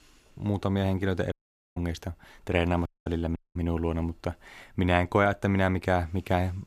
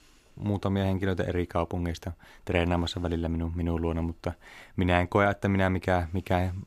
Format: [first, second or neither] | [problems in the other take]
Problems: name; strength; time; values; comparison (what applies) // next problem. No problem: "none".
second | audio cutting out; at 1.5 s, at 3 s and at 3.5 s